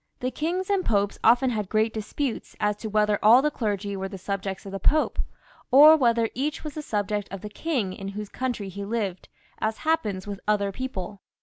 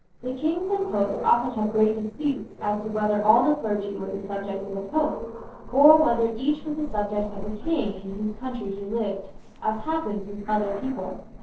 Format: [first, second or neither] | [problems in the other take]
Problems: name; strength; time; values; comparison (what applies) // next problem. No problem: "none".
first | noise reduction (neural separator model SepFormer DNS4)